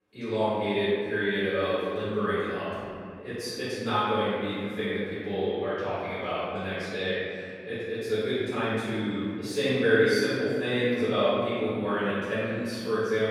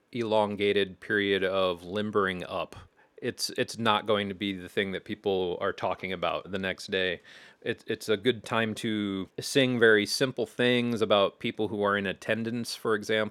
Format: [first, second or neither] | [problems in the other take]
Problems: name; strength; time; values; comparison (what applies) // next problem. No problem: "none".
second | off-mic speech; far // room echo; strong; dies away in 2.5 s